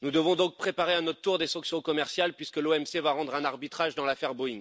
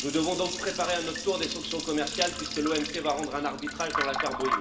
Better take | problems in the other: first | background sound (Liquid); 3 dB below the speech // room echo; dies away in 0.8 s

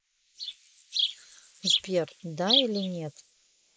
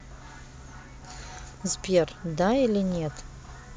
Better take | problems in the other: second | noise reduction (neural mask model Resemble Enhance denoiser)

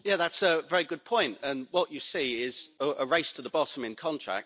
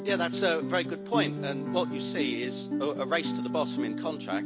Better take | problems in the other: first | background sound (Guitar); 1 dB below the speech

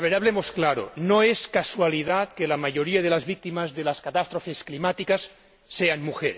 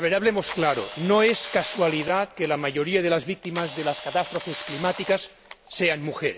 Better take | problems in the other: first | background sound (Camera); 14 dB below the speech

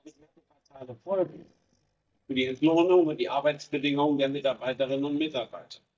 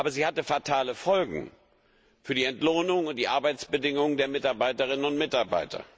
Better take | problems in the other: second | noise reduction (neural mask model DeepFilterNet 3)

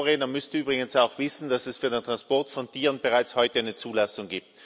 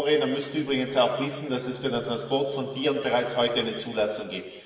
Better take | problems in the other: first | background sound (Bowed string instrument); 18 dB below the speech // room echo; dies away in 1.5 s

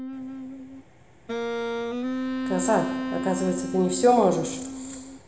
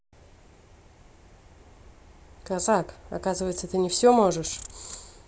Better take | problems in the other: second | background sound (Wind instrument, woodwind instrument); 4 dB below the speech // room echo; dies away in 1.1 s

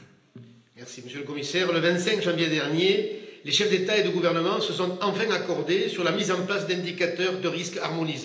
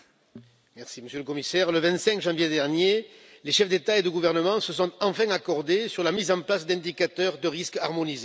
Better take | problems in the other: second | room echo; dies away in 0.9 s

